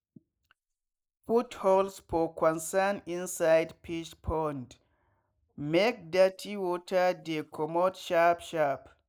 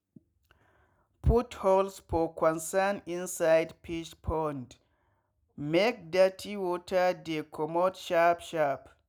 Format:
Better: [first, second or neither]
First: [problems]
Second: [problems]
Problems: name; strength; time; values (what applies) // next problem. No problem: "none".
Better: second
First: noise reduction (neural mask model Resemble Enhance denoiser)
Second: none